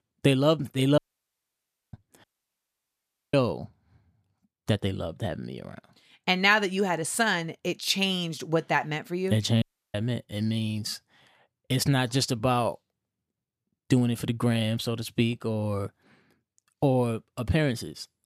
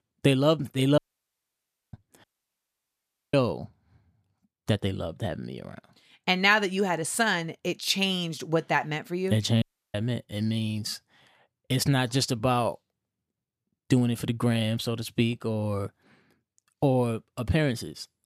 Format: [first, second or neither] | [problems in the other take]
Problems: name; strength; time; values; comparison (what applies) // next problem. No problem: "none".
neither | audio cutting out; at 1 s for 1 s, at 2 s for 1 s and at 9.5 s; the same in both